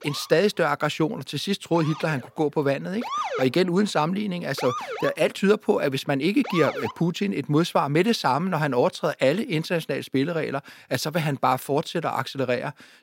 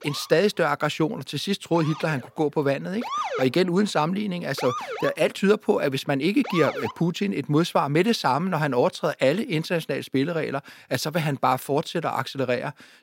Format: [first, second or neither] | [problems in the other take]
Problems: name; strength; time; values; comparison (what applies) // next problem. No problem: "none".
neither | siren; noticeable; until 7 s; peak 4 dB below the speech; the same in both